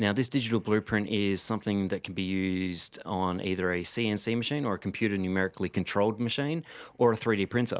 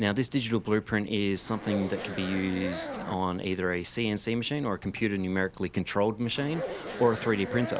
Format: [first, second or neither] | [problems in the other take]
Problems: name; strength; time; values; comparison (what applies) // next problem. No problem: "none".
first | background sound (Zipper (clothing)); 11 dB below the speech